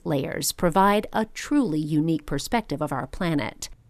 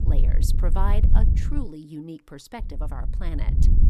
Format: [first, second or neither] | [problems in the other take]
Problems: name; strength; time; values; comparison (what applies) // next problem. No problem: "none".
first | wind noise on the microphone; heavy; until 1.5 s and from 2.5 s on; 5 dB below the speech